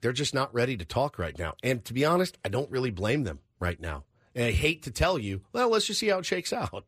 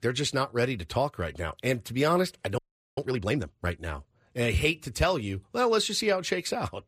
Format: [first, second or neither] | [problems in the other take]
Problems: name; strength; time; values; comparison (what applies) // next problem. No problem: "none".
first | audio freezing; at 2.5 s